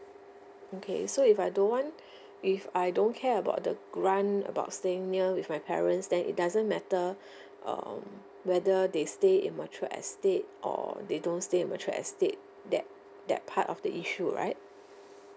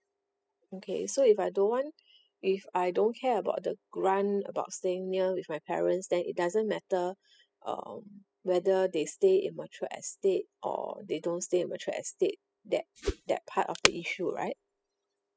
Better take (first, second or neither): first